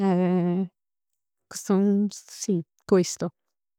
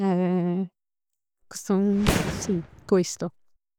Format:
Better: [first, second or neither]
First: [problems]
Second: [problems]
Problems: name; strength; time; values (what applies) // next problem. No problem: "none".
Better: first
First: none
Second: background sound (Fireworks); 5 dB below the speech